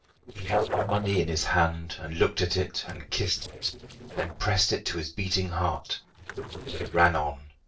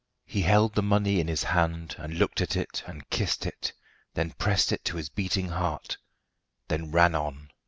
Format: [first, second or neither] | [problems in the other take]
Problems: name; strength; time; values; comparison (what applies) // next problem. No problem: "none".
second | noise reduction (neural separator model SepFormer DNS4)